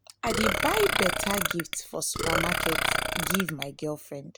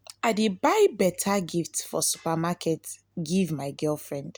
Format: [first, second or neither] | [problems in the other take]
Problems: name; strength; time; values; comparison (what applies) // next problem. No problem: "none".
second | background sound (Burping, eructation); 2 dB above the speech